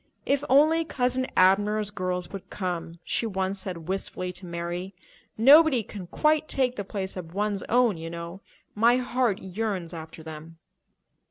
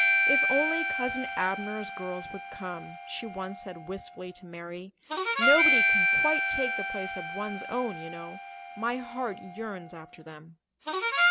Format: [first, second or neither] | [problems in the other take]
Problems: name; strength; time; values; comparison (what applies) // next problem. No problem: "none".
first | background sound (Harmonica); 5 dB above the speech